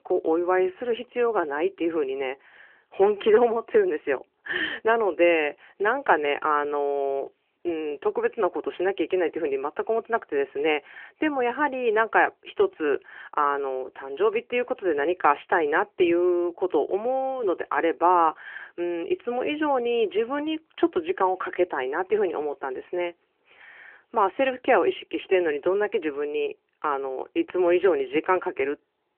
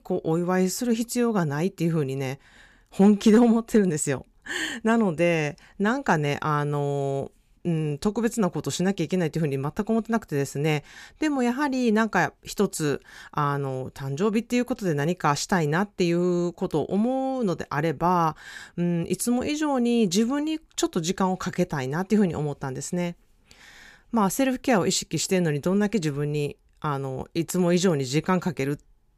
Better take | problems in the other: second | phone-call audio; nothing above 3 kHz

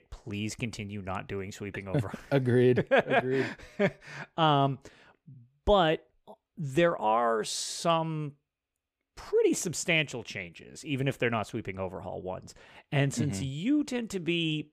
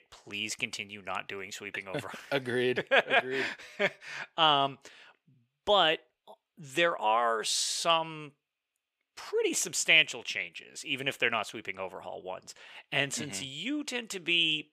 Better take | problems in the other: first | thin; somewhat; fading below 1 kHz

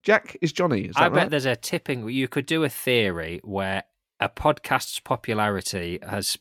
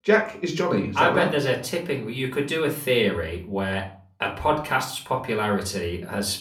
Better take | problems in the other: first | room echo; very slight; dies away in 0.4 s // off-mic speech; somewhat distant

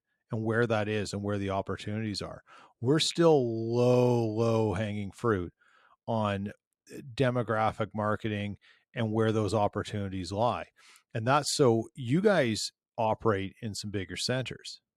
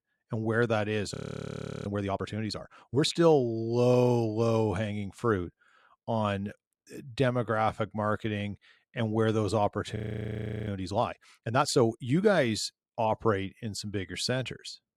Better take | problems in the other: first | audio freezing; at 1 s for 0.5 s and at 10 s for 0.5 s

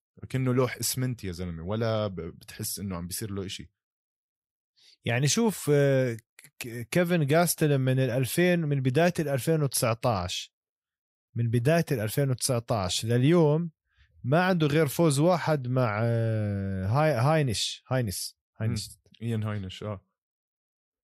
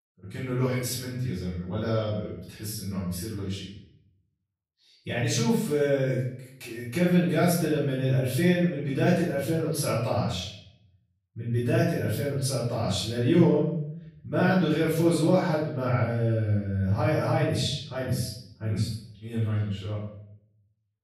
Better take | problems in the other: first | off-mic speech; far // room echo; noticeable; dies away in 0.6 s

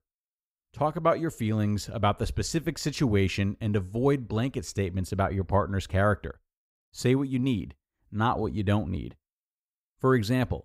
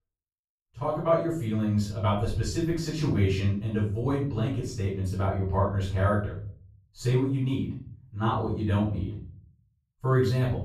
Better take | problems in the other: first | off-mic speech; far // room echo; noticeable; dies away in 0.5 s

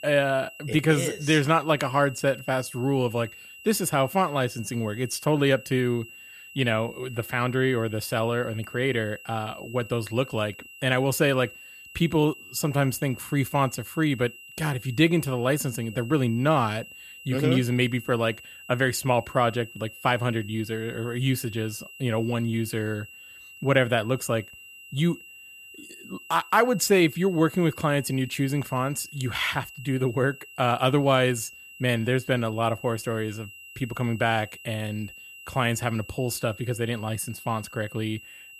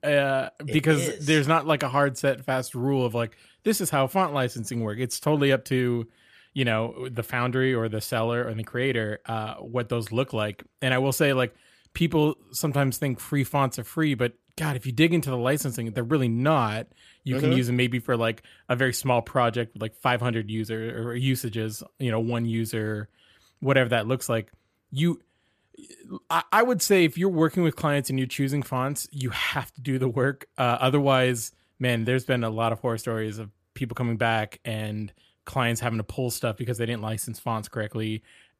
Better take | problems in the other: second | high-pitched whine; noticeable; throughout; 3 kHz, 15 dB below the speech

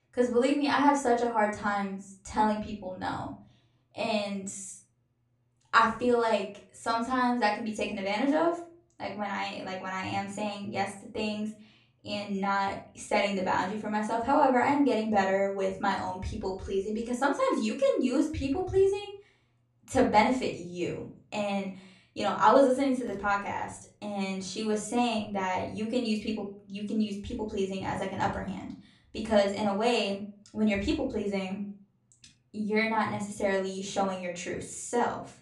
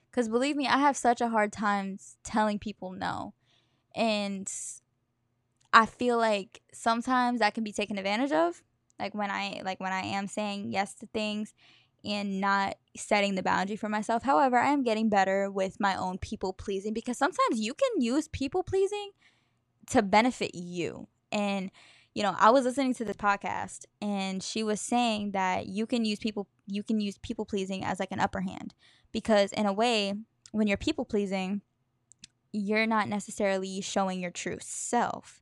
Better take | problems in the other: second | off-mic speech; far // room echo; slight; dies away in 0.4 s

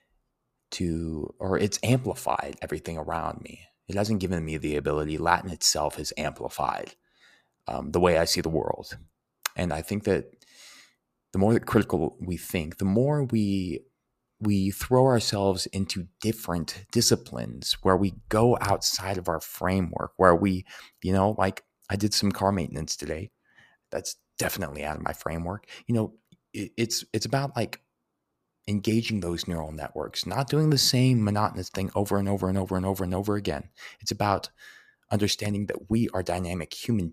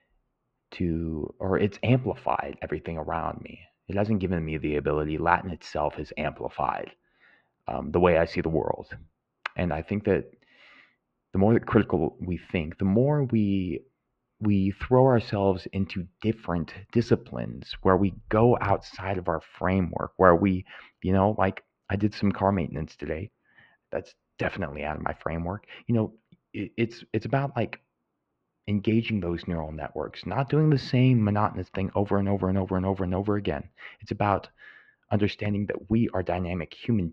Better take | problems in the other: first | muffled; very; fading above 2.5 kHz

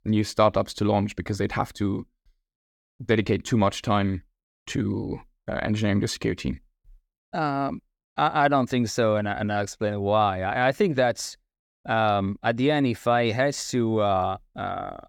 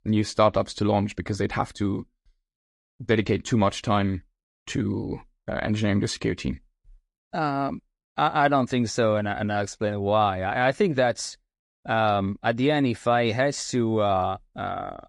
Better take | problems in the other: first | garbled, watery; slightly; nothing above 11 kHz

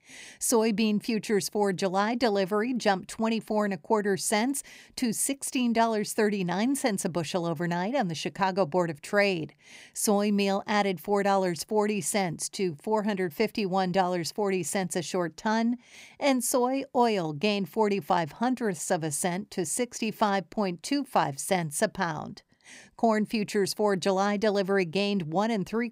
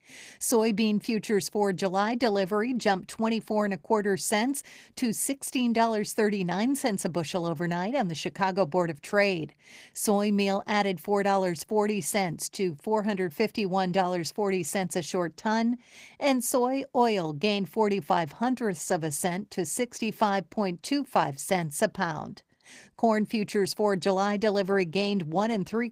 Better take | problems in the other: first | garbled, watery; slightly; nothing above 15.5 kHz

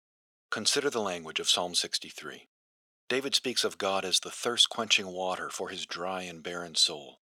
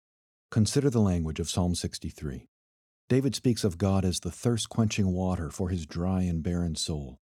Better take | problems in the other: second | thin; very; fading below 600 Hz

